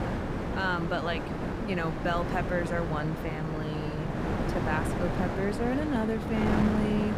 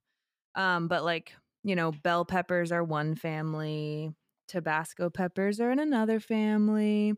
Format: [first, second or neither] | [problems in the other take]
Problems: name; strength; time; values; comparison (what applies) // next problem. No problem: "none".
second | wind noise on the microphone; heavy; 2 dB below the speech